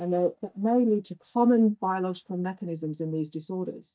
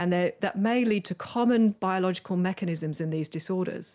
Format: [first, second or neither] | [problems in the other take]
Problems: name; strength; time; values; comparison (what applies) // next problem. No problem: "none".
second | noise reduction (neural mask model DeepFilterNet 3)